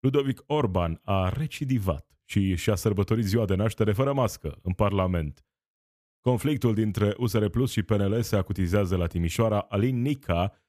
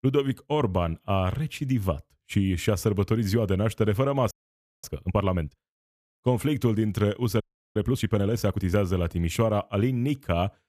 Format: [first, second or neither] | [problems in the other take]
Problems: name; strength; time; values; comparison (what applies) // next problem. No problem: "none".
first | audio freezing; at 4.5 s for 0.5 s and at 7.5 s